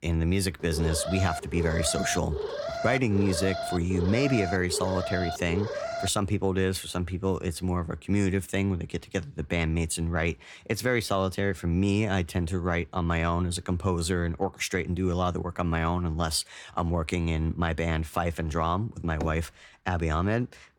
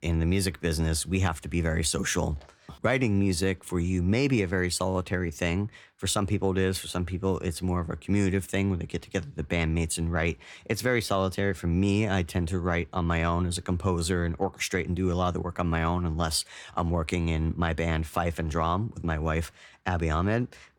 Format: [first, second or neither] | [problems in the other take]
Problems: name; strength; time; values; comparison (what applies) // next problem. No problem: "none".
second | alarm; noticeable; from 0.5 to 6 s; peak 4 dB below the speech // door banging; faint; at 19 s; peak 10 dB below the speech